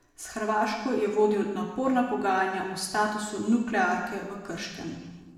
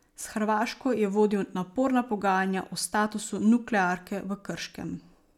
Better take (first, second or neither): second